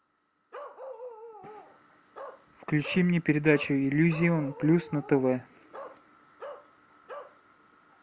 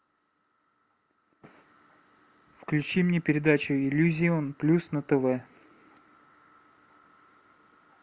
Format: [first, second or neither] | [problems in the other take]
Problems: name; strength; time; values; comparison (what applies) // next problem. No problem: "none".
second | background sound (Bark); 16 dB below the speech